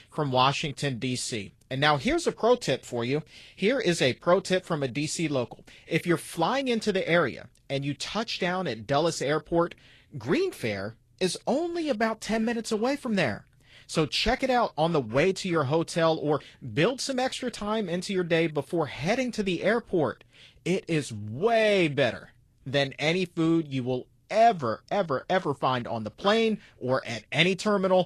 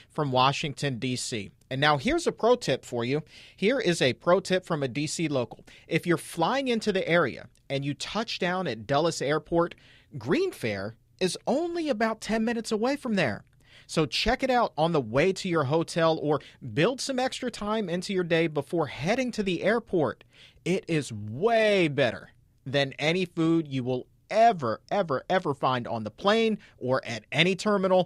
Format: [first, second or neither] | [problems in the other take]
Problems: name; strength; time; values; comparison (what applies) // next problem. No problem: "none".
second | garbled, watery; slightly